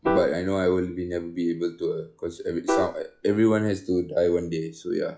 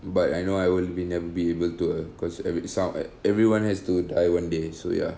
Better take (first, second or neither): second